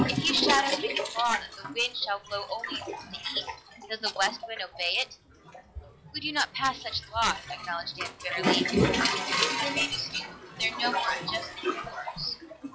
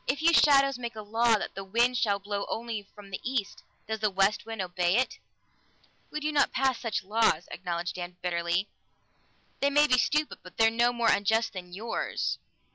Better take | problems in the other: second | noise reduction (classical method log-MMSE)

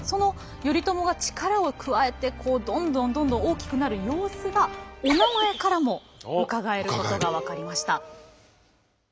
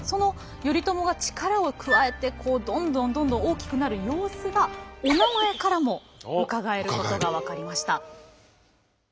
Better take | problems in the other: first | background sound (Wind instrument, woodwind instrument); 5 dB below the speech

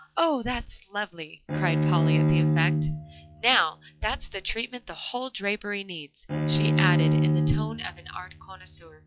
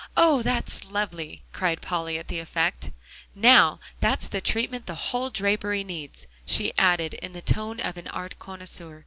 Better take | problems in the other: second | noise reduction (classical method log-MMSE)

